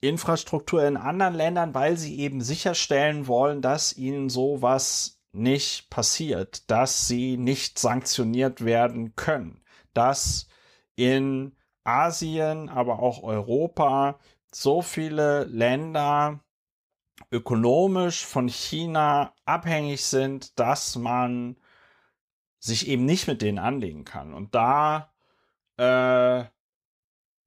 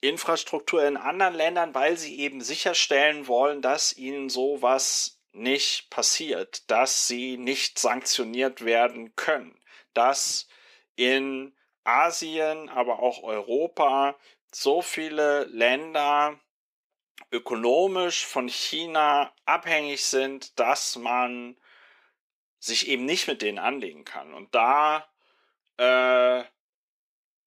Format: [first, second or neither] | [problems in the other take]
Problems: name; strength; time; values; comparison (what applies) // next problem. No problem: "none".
first | thin; somewhat; fading below 300 Hz